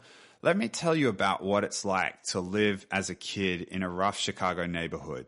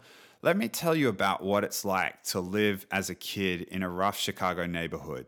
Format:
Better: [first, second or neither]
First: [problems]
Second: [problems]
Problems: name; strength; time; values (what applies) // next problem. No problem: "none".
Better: second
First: garbled, watery; slightly; nothing above 10.5 kHz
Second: none